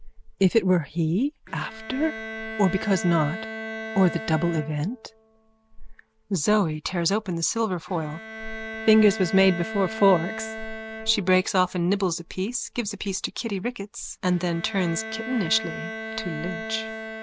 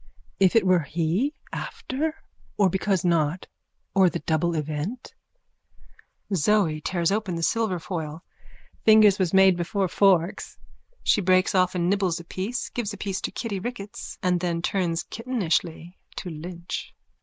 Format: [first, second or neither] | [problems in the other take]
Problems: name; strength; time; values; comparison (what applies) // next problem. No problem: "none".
second | background sound (Bowed string instrument); 11 dB below the speech